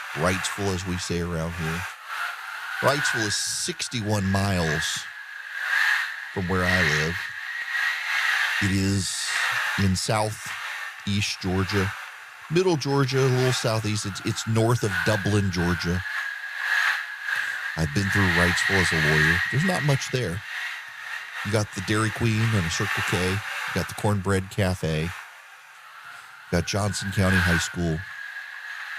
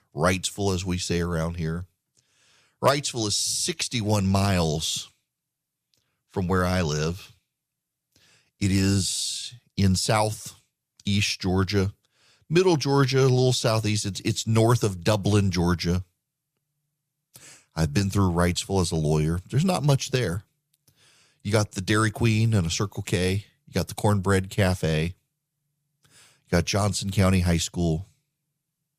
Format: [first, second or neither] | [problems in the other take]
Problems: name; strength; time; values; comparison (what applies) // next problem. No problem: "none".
second | wind noise on the microphone; heavy; 3 dB above the speech